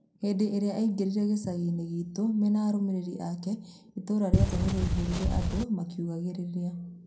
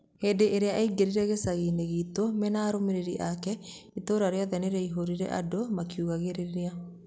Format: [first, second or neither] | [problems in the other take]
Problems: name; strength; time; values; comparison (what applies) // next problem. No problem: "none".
second | background sound (Wind); 3 dB above the speech // room echo; dies away in 0.2 s